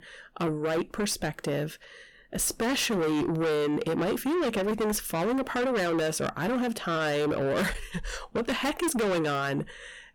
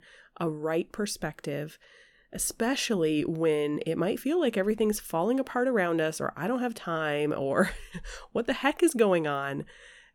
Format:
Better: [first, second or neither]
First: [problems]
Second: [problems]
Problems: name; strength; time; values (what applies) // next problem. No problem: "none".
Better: second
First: distortion; heavy; 6 dB below the speech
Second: none